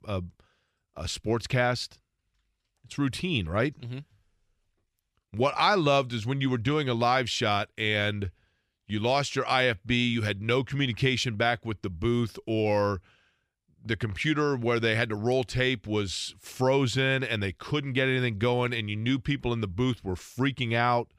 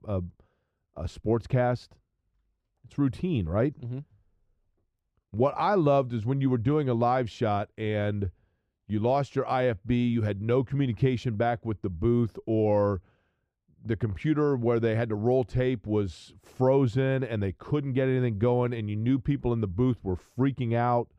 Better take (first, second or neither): first